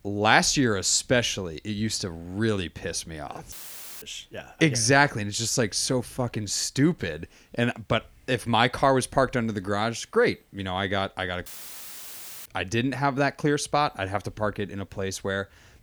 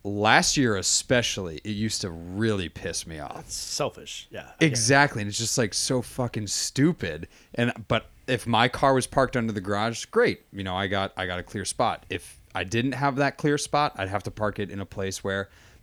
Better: second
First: audio cutting out; filled with static; at 3.5 s and at 11 s for 1 s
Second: none

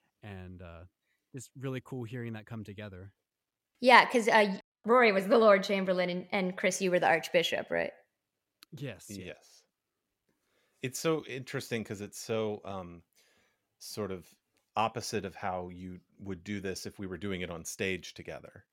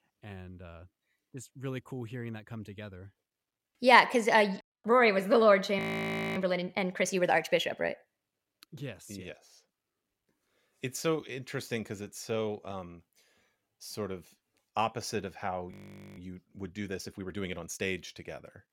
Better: first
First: none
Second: audio freezing; at 6 s for 0.5 s and at 16 s

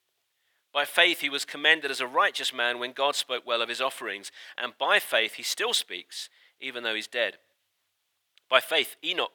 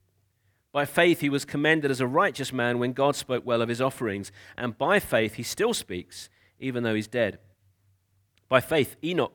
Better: second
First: thin; very; fading below 650 Hz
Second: none

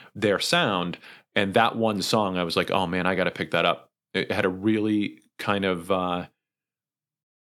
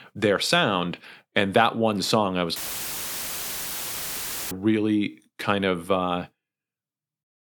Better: first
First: none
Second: audio cutting out; filled with static; at 2.5 s for 2 s

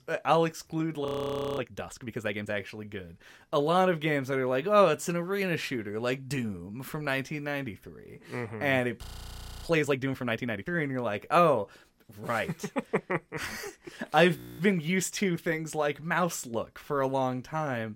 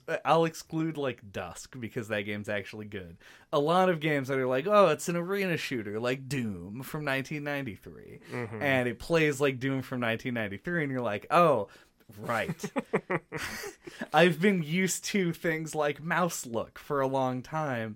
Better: second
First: audio freezing; at 1 s for 0.5 s, at 9 s for 0.5 s and at 14 s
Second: none

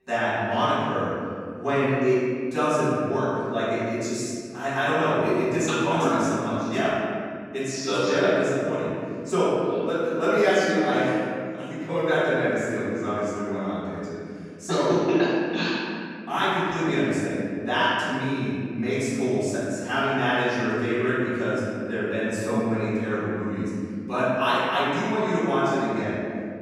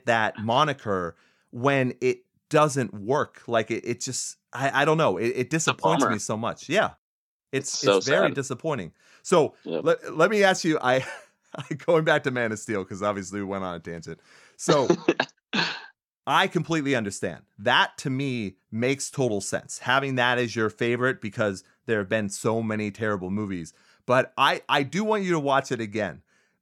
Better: second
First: room echo; strong; dies away in 2.3 s // off-mic speech; far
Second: none

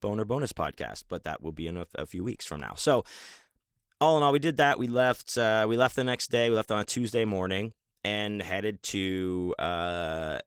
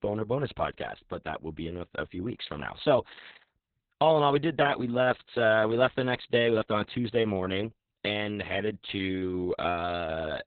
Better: first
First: garbled, watery; slightly; nothing above 19 kHz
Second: garbled, watery; badly; nothing above 4 kHz

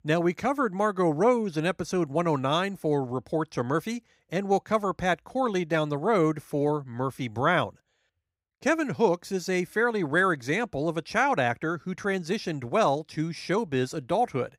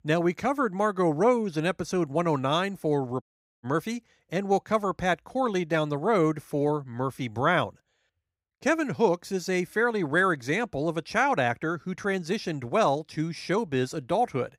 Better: first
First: none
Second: audio cutting out; at 3 s

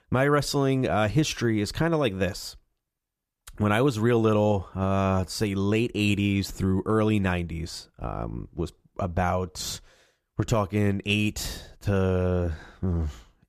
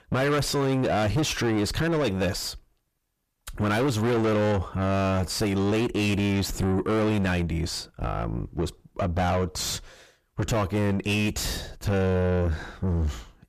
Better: first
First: none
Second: distortion; heavy; 6 dB below the speech

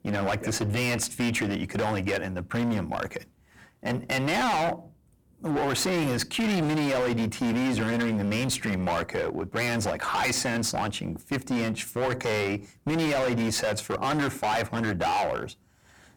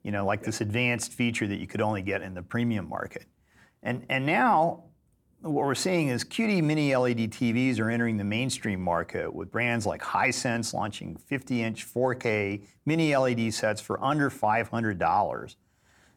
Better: second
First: distortion; heavy; 24% of the sound clipped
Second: none

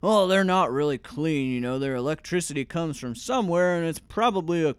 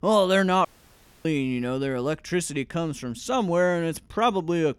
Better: first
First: none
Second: audio cutting out; at 0.5 s for 0.5 s

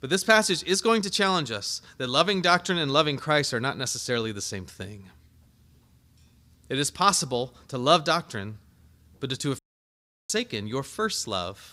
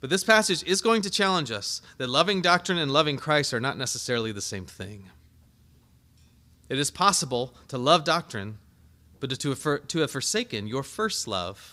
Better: second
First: audio cutting out; at 9.5 s for 0.5 s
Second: none

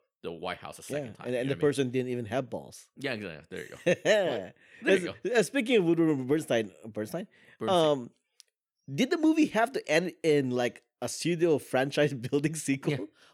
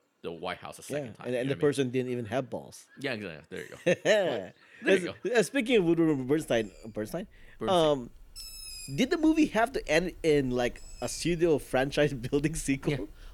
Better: first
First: none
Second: animal sounds; faint; throughout; 20 dB below the speech

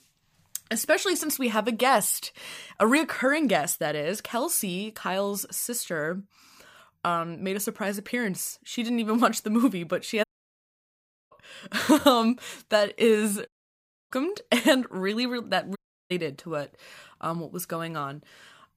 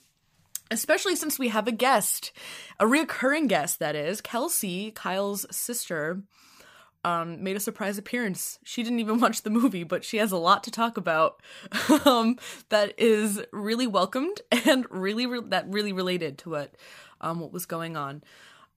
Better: second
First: audio cutting out; at 10 s for 1 s, at 13 s for 0.5 s and at 16 s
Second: none

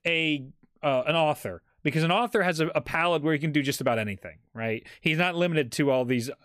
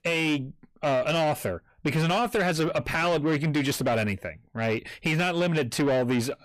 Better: first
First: none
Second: distortion; heavy; 7 dB below the speech

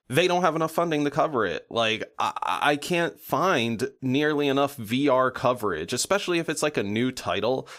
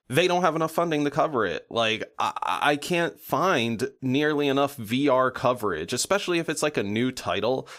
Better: neither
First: none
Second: none

